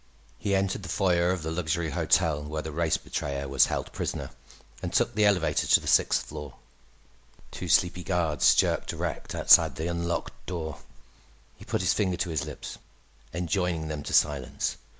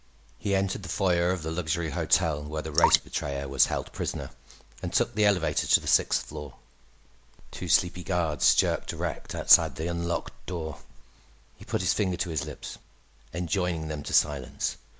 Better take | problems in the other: first | background sound (Drip); 4 dB below the speech

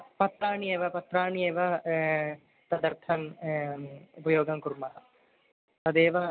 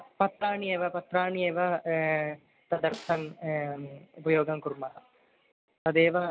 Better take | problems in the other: first | background sound (Snare drum); 20 dB below the speech

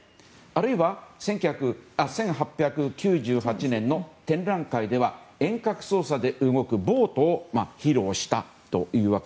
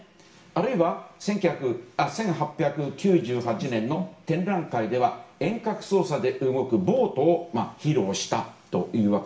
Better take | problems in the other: first | room echo; dies away in 0.4 s

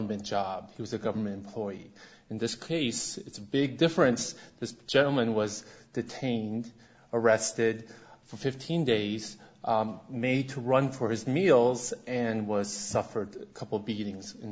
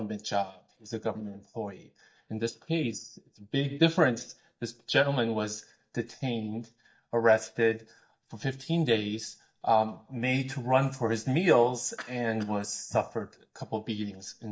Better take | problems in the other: first | noise reduction (neural mask model DeepFilterNet 3)

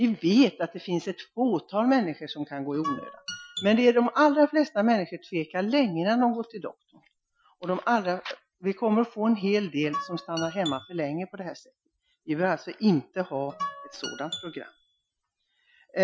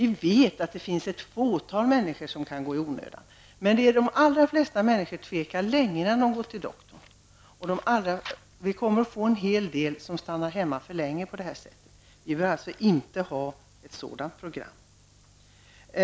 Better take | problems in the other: second | noise reduction (classical method Wiener filter)

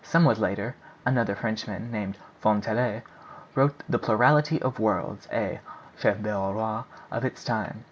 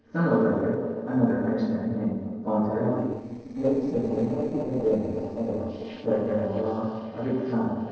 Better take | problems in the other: first | noise reduction (neural separator model SepFormer DNS4)

